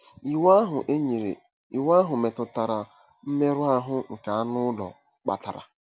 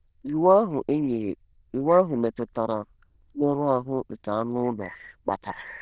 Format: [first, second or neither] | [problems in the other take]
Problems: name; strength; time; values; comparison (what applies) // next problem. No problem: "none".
first | noise reduction (neural diffusion model UNIVERSE++)